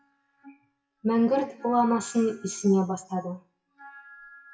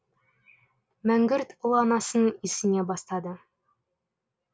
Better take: second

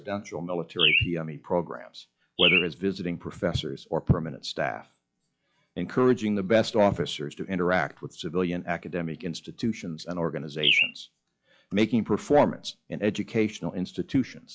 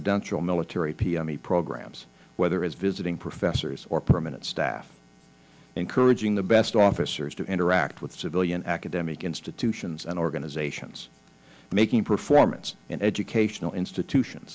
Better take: second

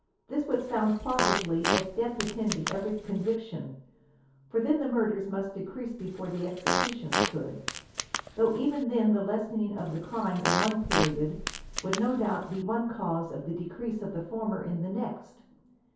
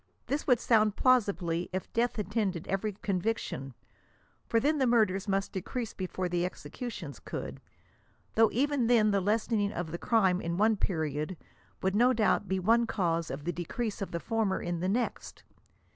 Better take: second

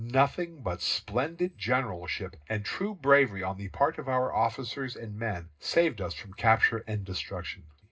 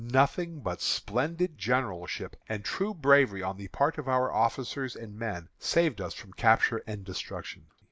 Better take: second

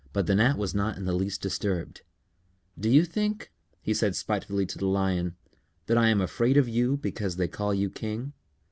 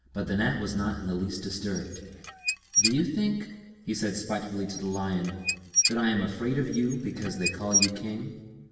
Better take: first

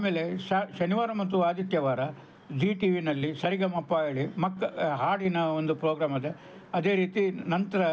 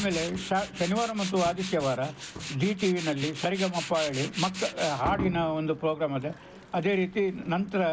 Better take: first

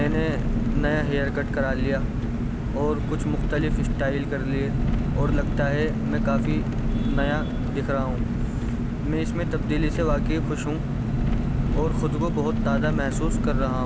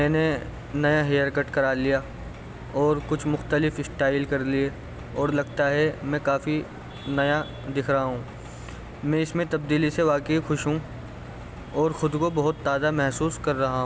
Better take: second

